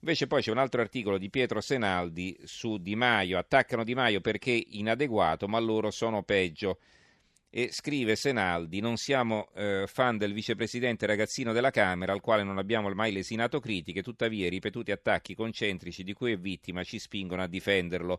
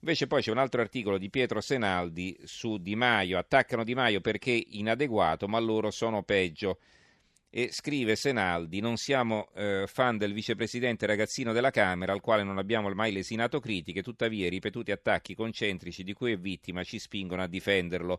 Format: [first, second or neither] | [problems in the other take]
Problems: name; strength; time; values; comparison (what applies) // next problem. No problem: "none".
neither | none